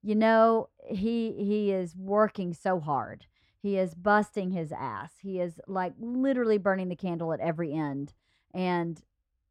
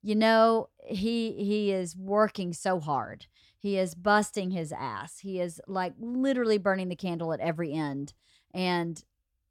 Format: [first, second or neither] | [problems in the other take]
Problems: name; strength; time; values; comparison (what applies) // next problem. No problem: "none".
second | muffled; slightly; fading above 3 kHz